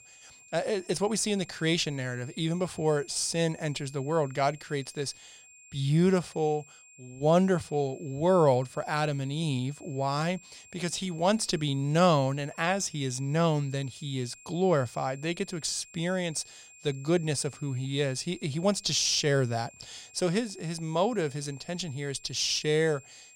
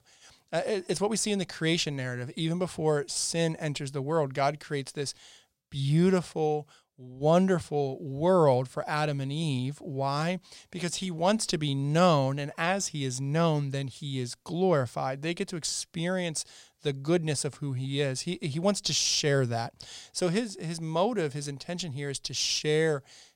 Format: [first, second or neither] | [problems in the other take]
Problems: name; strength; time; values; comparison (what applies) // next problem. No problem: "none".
second | high-pitched whine; faint; throughout; 2.5 kHz, 20 dB below the speech